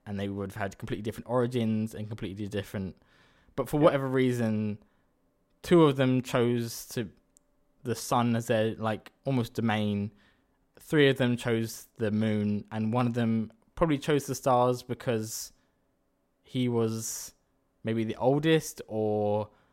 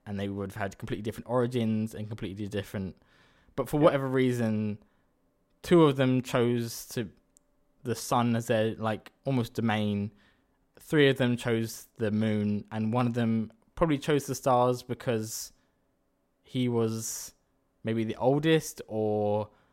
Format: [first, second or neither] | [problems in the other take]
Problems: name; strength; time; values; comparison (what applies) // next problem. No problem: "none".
neither | none